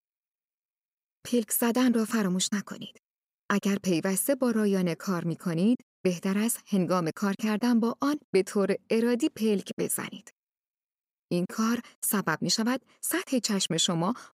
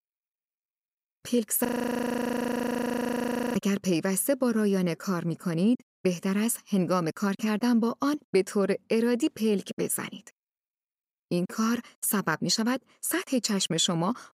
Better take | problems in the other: first | audio freezing; at 1.5 s for 2 s

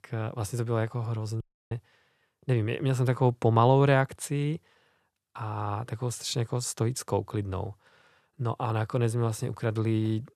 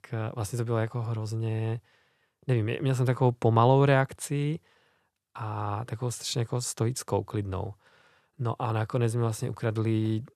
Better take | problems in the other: second | audio cutting out; at 1.5 s

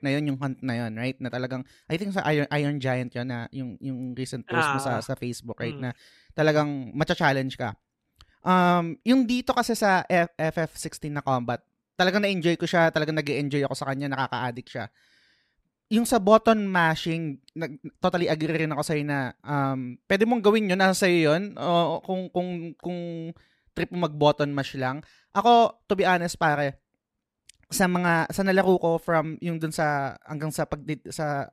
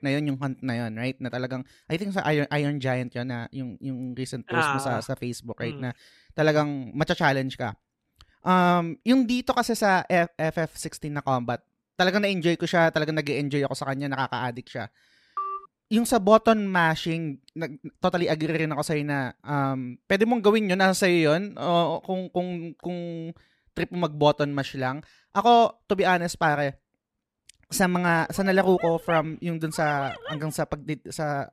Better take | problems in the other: first | phone ringing; noticeable; at 15 s; peak 7 dB below the speech // dog barking; noticeable; from 28 to 30 s; peak 10 dB below the speech

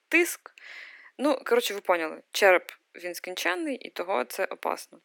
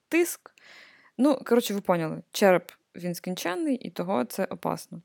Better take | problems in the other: second | thin; somewhat; fading below 300 Hz

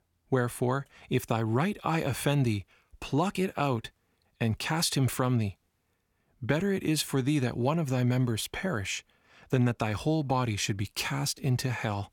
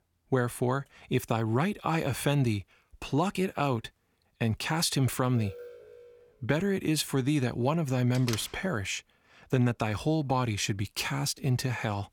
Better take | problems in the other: first | alarm; faint; at 5.5 s; peak 15 dB below the speech // door banging; noticeable; at 8 s; peak 9 dB below the speech

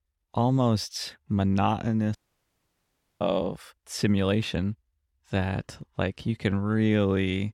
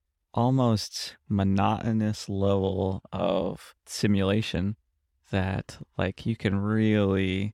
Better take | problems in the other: second | audio cutting out; at 2 s for 1 s

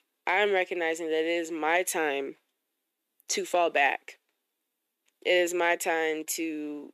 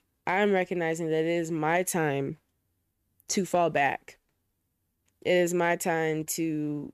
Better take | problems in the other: second | thin; somewhat; fading below 300 Hz

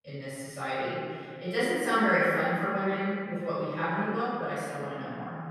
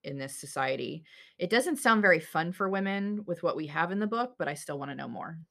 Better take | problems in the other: second | room echo; strong; dies away in 2.2 s // off-mic speech; far

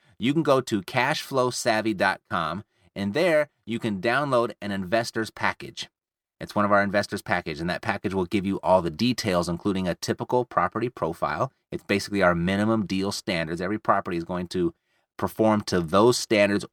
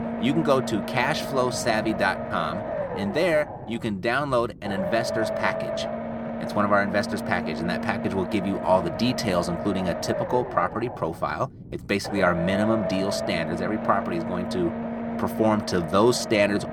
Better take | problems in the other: first | low rumble; loud; throughout; 6 dB below the speech

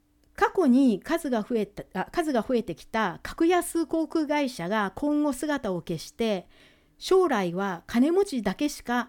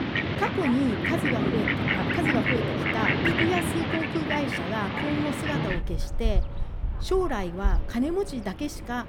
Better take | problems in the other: first | animal sounds; very loud; throughout; 3 dB above the speech

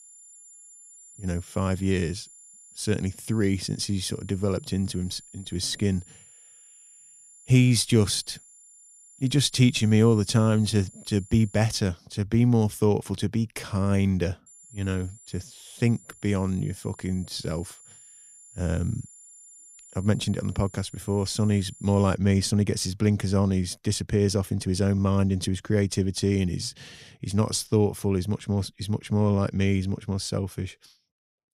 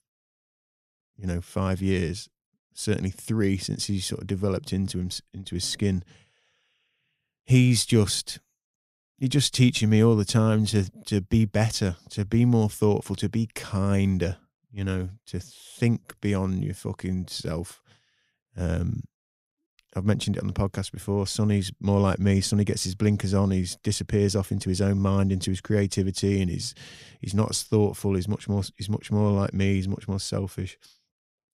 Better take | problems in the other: second | high-pitched whine; faint; until 12 s and from 14 to 22 s; 7 kHz, 25 dB below the speech

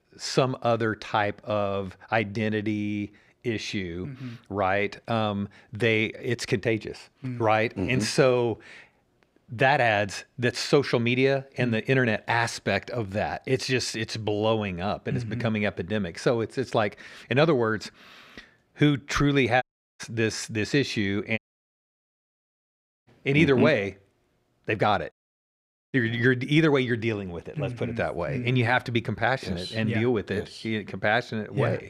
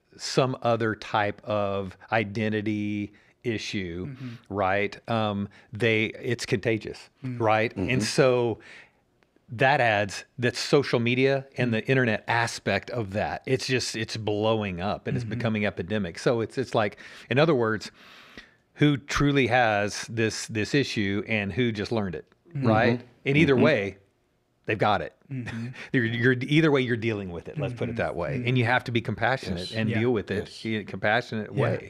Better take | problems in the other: second | audio cutting out; at 20 s, at 21 s for 1.5 s and at 25 s for 1 s

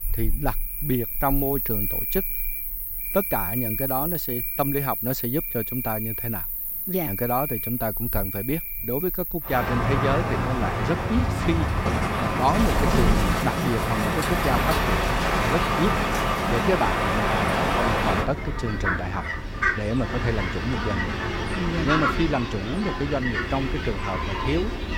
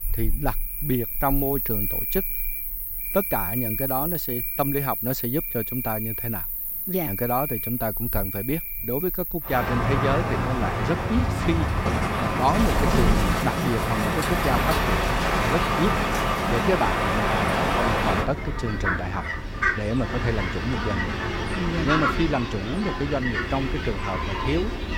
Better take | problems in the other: neither | animal sounds; very loud; throughout; 3 dB above the speech; the same in both

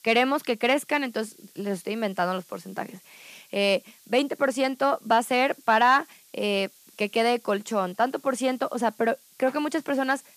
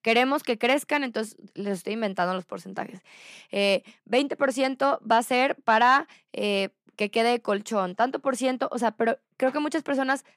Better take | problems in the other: second | hiss; faint; throughout; 25 dB below the speech

